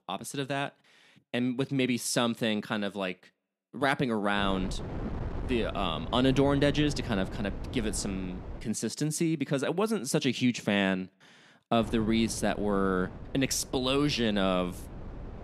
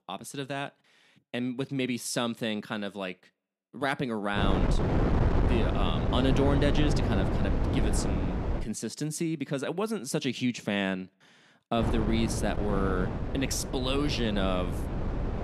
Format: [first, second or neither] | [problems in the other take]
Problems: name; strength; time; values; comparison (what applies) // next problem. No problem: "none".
first | wind noise on the microphone; heavy; from 4.5 to 8.5 s and from 12 s on; 3 dB below the speech; occasional gusts in the first